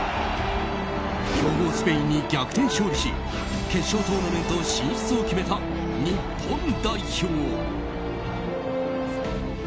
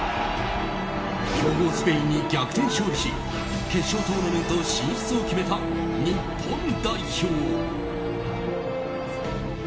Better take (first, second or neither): first